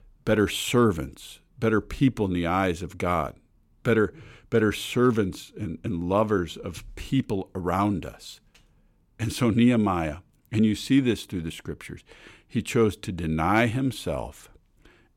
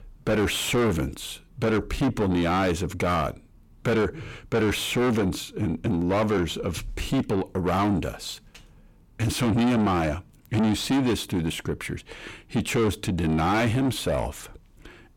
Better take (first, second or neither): first